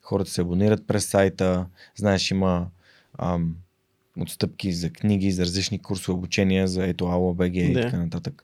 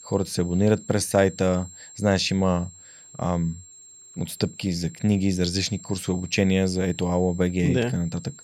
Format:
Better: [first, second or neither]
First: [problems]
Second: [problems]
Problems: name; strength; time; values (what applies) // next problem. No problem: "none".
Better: first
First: none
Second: high-pitched whine; noticeable; throughout; 7.5 kHz, 20 dB below the speech